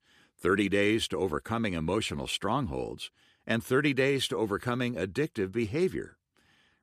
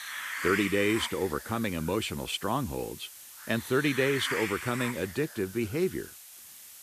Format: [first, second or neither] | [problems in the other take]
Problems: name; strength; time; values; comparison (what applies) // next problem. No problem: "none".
first | hiss; loud; throughout; 8 dB below the speech